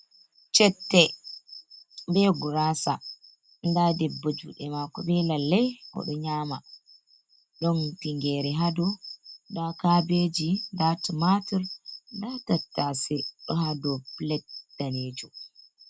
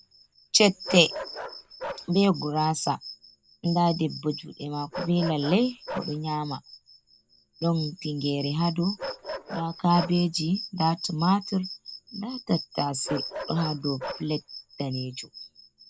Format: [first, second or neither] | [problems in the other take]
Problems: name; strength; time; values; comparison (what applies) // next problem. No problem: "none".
first | background sound (Bark); 14 dB below the speech